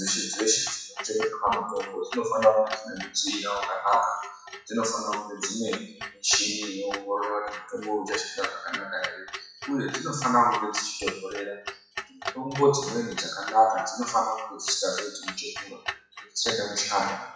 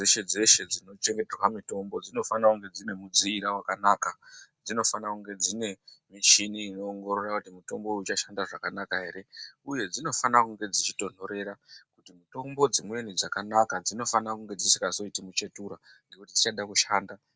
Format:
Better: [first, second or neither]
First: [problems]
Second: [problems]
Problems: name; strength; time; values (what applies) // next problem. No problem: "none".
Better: second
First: noise reduction (classical method WPE with log-MMSE)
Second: none